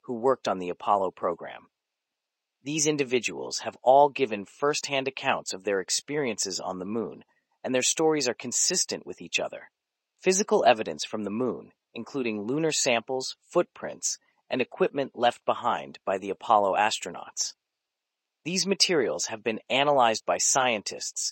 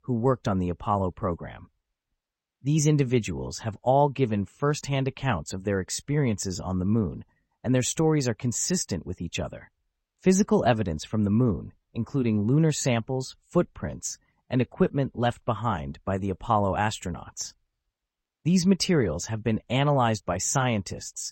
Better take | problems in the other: second | thin; somewhat; fading below 400 Hz

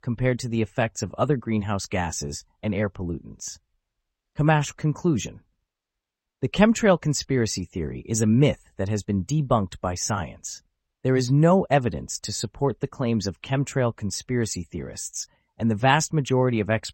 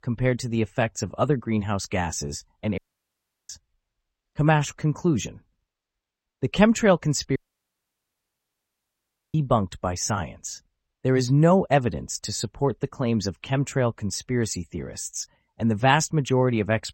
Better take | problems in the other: first | audio cutting out; at 3 s for 0.5 s and at 7.5 s for 2 s

